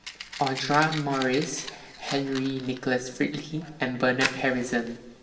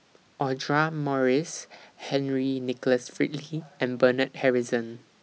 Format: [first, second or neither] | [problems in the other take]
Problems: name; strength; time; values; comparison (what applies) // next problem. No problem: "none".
second | background sound (Fire); 11 dB below the speech // room echo; dies away in 0.7 s